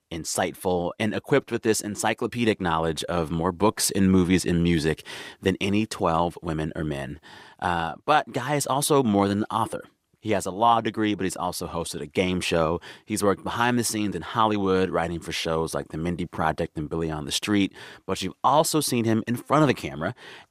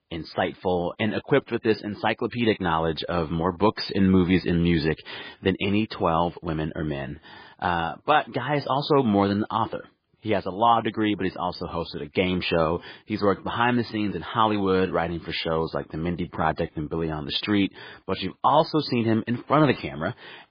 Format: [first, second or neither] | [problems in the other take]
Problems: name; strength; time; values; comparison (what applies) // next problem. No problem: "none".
first | garbled, watery; badly; nothing above 5 kHz